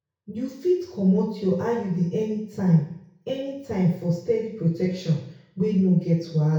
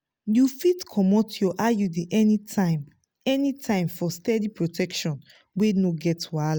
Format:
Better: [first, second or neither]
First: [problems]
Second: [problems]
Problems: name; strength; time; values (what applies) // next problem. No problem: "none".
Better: second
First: room echo; dies away in 0.6 s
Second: none